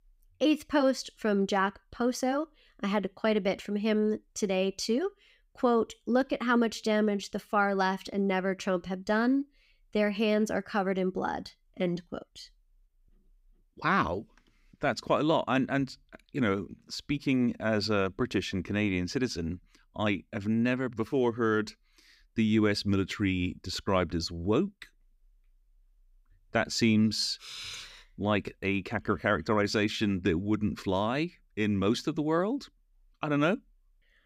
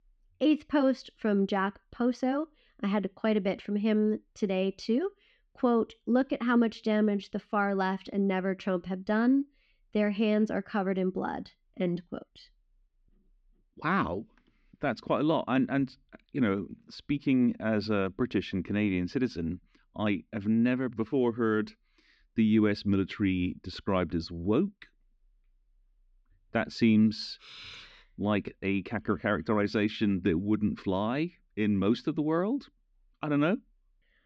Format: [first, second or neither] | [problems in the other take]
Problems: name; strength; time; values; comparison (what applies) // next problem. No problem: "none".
first | muffled; very slightly; fading above 4 kHz